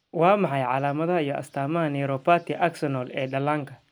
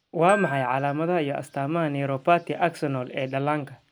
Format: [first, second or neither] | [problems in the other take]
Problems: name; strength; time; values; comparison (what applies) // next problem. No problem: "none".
first | background sound (Glockenspiel); 15 dB below the speech